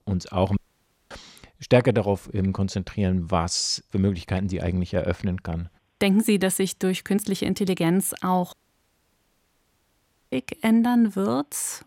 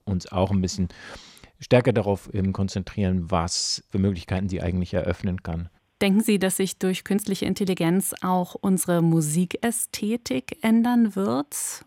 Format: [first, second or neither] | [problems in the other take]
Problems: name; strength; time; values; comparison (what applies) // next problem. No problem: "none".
second | audio cutting out; at 0.5 s for 0.5 s and at 8.5 s for 2 s